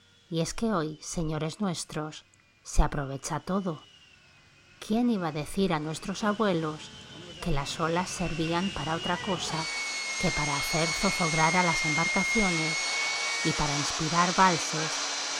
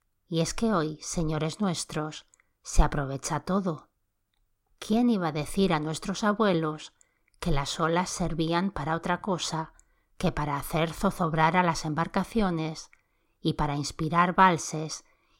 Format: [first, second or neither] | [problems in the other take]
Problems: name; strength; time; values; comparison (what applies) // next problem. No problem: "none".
second | machinery noise; very loud; throughout; 1 dB above the speech